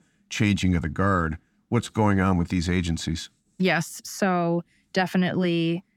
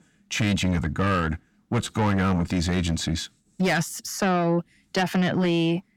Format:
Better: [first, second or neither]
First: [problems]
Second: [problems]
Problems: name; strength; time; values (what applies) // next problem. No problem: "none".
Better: first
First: none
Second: distortion; slight; 9 dB below the speech